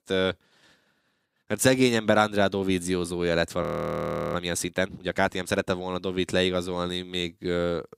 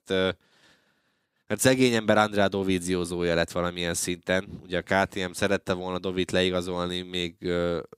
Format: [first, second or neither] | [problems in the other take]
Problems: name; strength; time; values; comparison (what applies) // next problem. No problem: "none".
second | audio freezing; at 3.5 s for 0.5 s